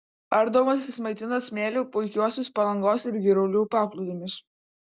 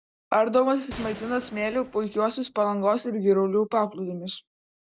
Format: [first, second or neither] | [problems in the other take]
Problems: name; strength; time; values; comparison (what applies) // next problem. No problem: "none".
first | background sound (Gunshot, gunfire); 18 dB below the speech